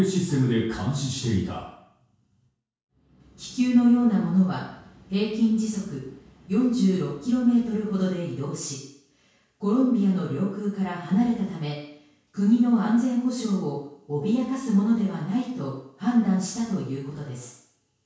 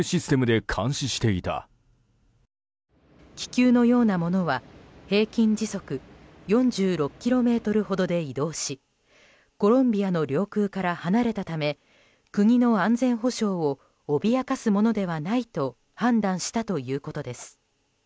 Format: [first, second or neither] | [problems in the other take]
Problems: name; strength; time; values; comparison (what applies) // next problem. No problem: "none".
second | room echo; dies away in 0.6 s